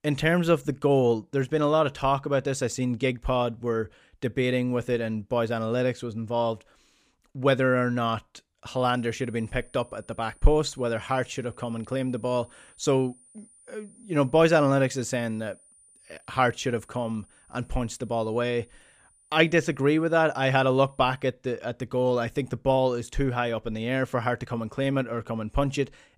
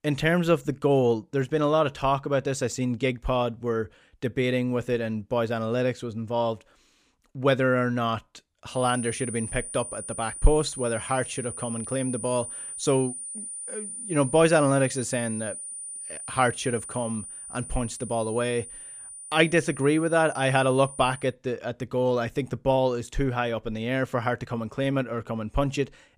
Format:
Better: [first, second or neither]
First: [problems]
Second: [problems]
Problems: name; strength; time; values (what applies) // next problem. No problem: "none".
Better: first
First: high-pitched whine; faint; from 9 to 21 s; 9.5 kHz, 30 dB below the speech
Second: high-pitched whine; loud; from 9 to 21 s; 9.5 kHz, 9 dB below the speech